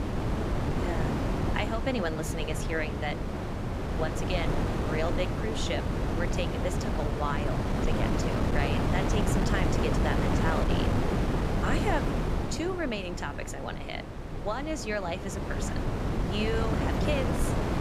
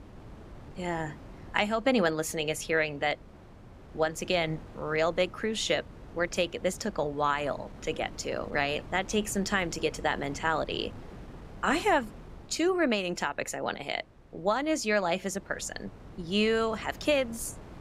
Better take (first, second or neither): second